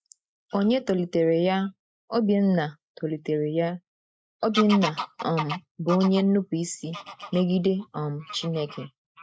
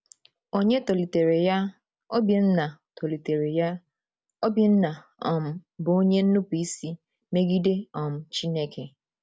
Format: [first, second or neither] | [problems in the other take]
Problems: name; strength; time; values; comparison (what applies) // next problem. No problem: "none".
second | noise reduction (neural mask model Resemble Enhance denoiser)